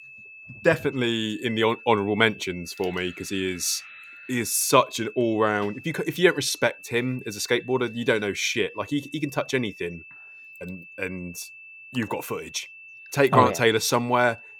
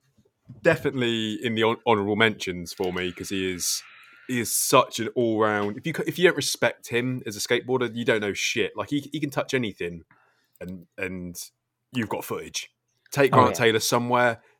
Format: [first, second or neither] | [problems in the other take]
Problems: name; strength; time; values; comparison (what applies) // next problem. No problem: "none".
second | high-pitched whine; noticeable; throughout; 2.5 kHz, 20 dB below the speech